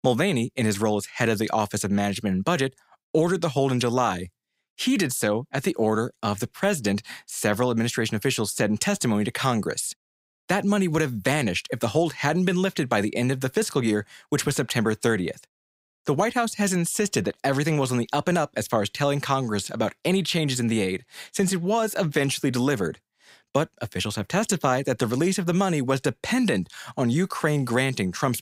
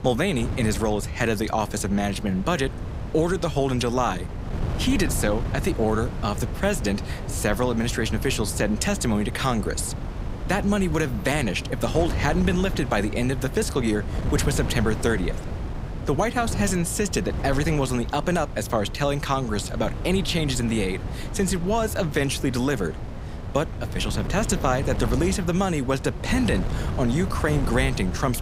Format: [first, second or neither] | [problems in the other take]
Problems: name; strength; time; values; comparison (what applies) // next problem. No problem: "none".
first | wind noise on the microphone; occasional gusts; 10 dB below the speech